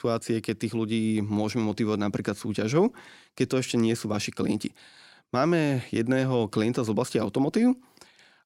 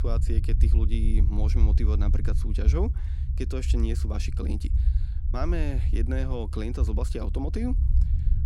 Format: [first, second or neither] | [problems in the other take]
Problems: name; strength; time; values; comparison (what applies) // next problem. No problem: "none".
first | low rumble; loud; throughout; 8 dB below the speech